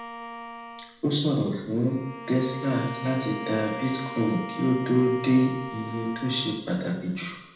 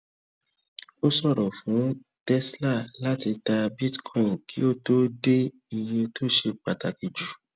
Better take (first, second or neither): second